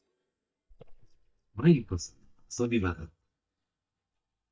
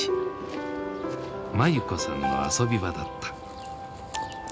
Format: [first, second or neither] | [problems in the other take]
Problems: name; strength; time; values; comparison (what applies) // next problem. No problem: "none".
second | noise reduction (neural mask model DeepFilterNet 3)